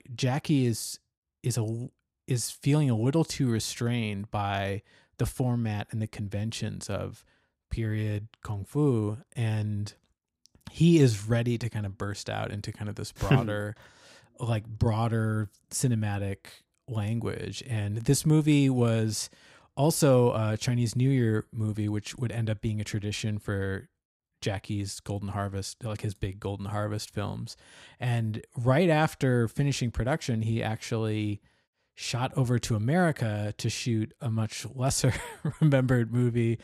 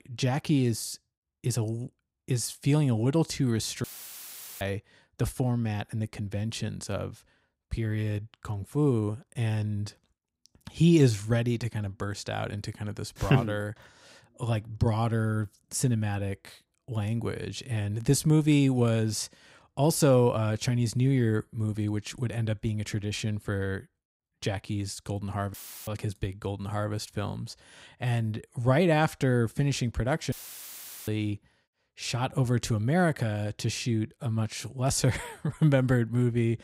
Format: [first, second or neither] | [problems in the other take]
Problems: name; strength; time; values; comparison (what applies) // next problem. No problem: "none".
first | audio cutting out; filled with static; at 4 s for 1 s, at 26 s and at 30 s for 1 s